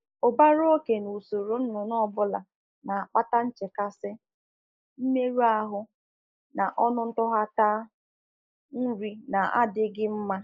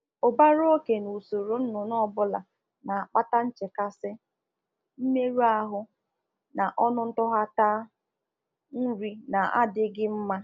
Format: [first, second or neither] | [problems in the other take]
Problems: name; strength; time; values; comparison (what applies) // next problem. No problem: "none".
second | noise reduction (neural mask model Resemble Enhance denoiser)